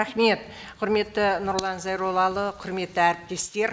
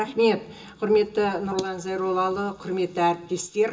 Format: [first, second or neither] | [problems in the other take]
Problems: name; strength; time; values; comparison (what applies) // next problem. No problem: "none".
first | room echo; dies away in 0.2 s